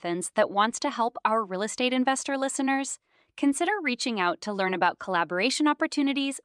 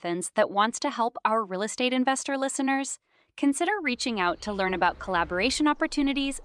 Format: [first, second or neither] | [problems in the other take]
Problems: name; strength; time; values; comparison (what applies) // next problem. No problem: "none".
first | animal sounds; faint; from 4.5 s on; 25 dB below the speech